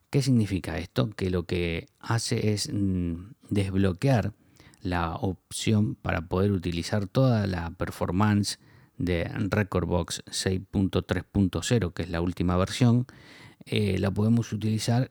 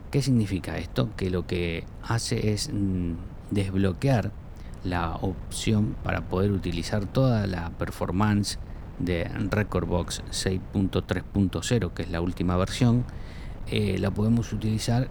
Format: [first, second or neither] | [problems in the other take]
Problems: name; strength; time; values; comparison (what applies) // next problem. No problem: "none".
first | wind noise on the microphone; occasional gusts; 20 dB below the speech